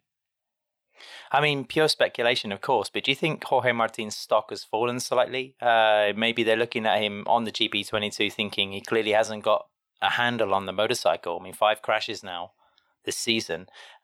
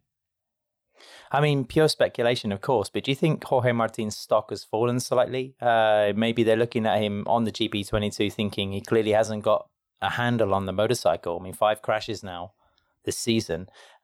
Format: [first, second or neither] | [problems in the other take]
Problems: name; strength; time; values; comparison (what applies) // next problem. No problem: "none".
second | thin; very slightly; fading below 300 Hz